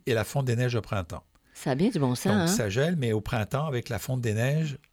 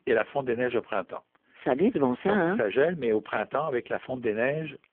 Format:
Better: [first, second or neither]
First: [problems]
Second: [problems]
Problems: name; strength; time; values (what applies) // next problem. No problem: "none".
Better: first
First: none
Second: phone-call audio; poor line